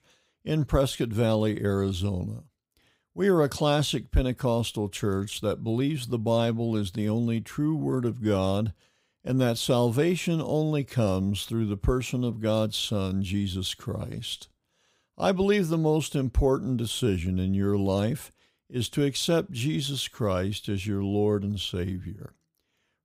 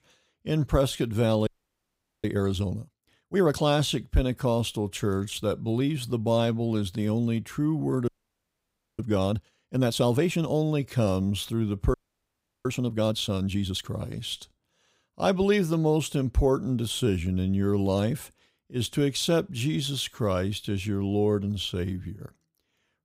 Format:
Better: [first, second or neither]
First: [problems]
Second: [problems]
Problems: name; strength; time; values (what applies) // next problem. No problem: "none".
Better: first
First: none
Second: audio freezing; at 1.5 s for 1 s, at 8 s for 1 s and at 12 s for 0.5 s